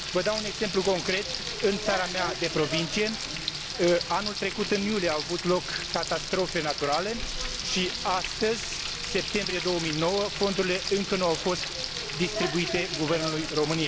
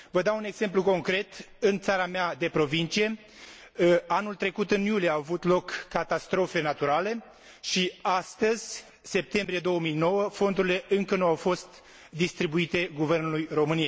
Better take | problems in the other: second | background sound (Frying (food)); 4 dB below the speech

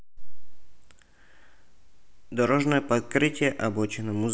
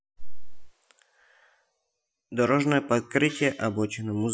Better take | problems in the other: first | noise reduction (classical method Wiener filter)

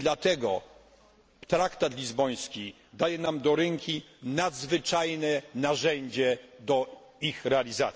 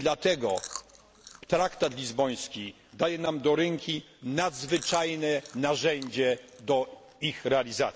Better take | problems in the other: first | background sound (Chewing, mastication); 18 dB below the speech

